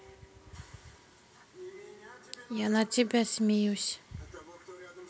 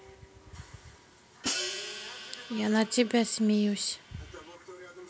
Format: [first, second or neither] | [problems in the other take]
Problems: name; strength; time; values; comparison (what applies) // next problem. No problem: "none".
first | background sound (Hi-hat); 9 dB below the speech